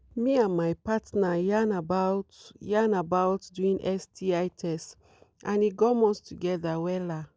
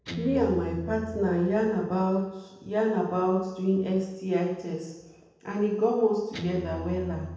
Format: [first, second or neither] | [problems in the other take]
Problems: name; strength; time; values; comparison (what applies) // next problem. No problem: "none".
first | background sound (Guitar); 13 dB below the speech // room echo; dies away in 0.9 s